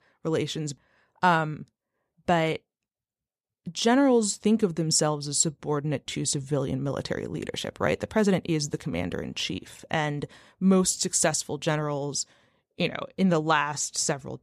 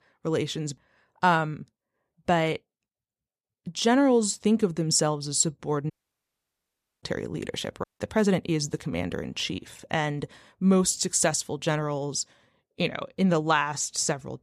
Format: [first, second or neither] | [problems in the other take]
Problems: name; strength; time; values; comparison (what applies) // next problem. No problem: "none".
first | audio cutting out; at 6 s for 1 s and at 8 s